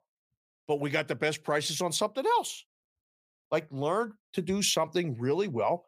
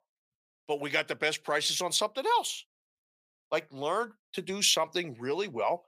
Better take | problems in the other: first | thin; very slightly; fading below 550 Hz

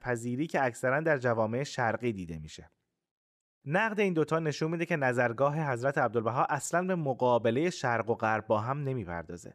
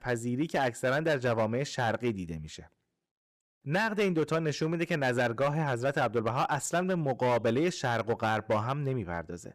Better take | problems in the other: first | distortion; slight; 7% of the sound clipped

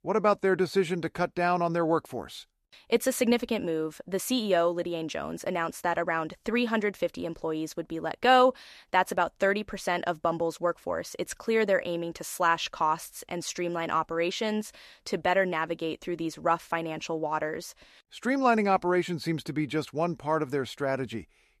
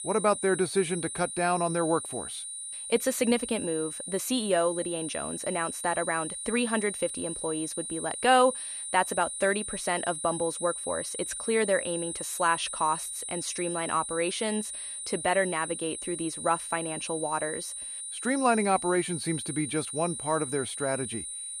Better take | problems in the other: first | high-pitched whine; loud; throughout; 9.5 kHz, 5 dB below the speech

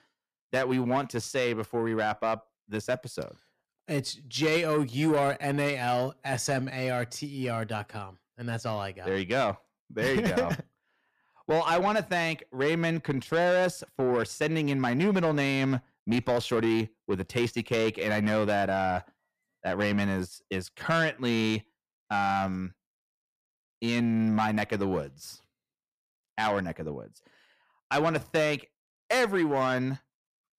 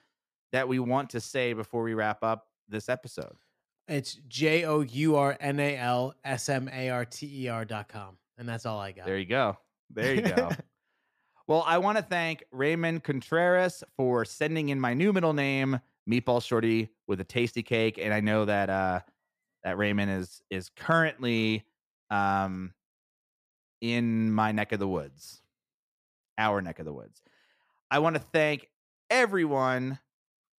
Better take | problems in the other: second | distortion; slight; 10 dB below the speech

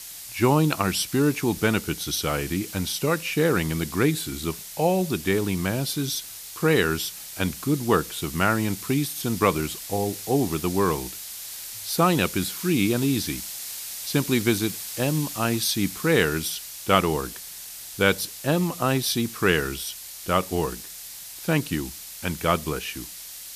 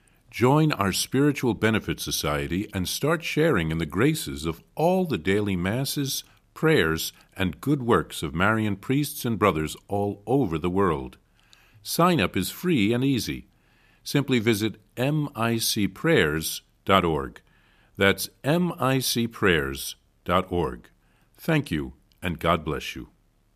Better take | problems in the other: second | hiss; loud; throughout; 10 dB below the speech

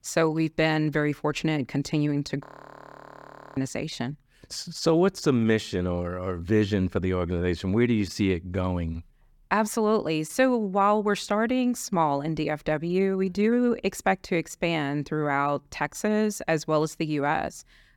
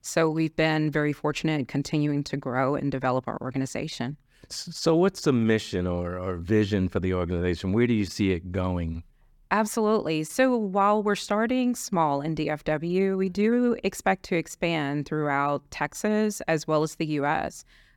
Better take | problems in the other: second | audio freezing; at 2.5 s for 1 s

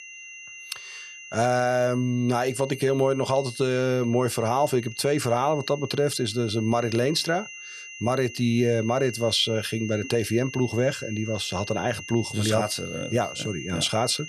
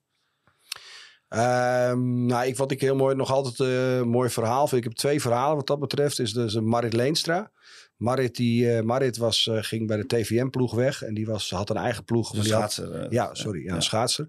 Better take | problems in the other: second | high-pitched whine; noticeable; throughout; 3 kHz, 15 dB below the speech

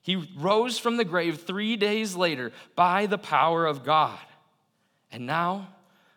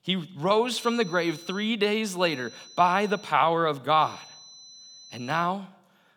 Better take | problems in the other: first | high-pitched whine; faint; at 0.5 s, at 2.5 s and from 4 to 5.5 s; 4 kHz, 20 dB below the speech

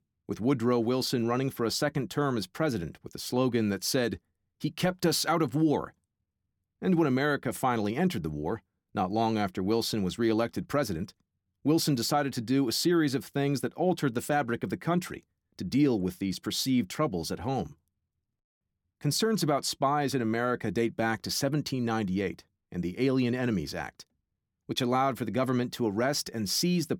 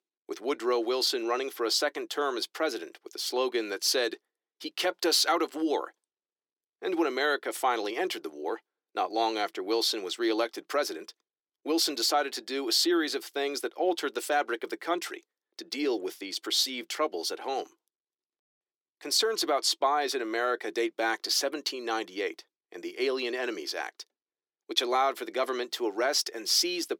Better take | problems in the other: first | thin; very; fading below 350 Hz

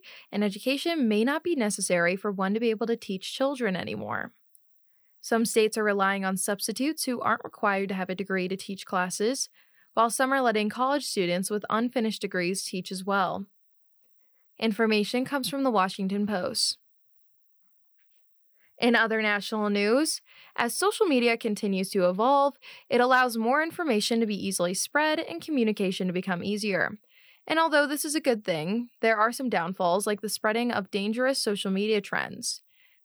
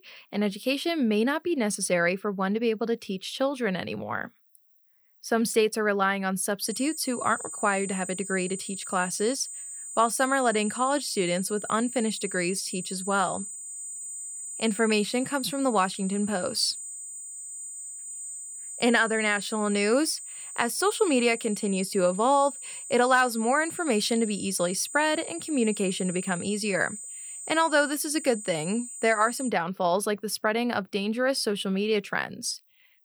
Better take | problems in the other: first | high-pitched whine; loud; from 6.5 to 29 s; 8 kHz, 9 dB below the speech

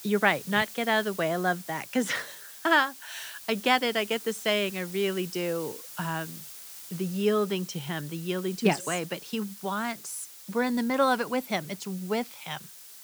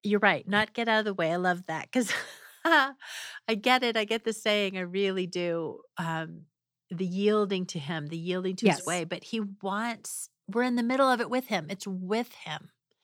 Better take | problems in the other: second | hiss; noticeable; throughout; 15 dB below the speech

